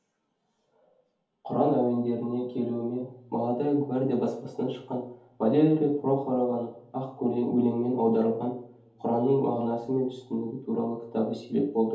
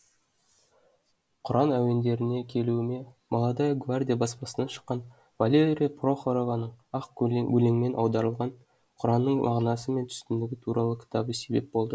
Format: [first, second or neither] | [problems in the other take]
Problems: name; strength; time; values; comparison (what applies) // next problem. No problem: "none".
second | room echo; dies away in 0.6 s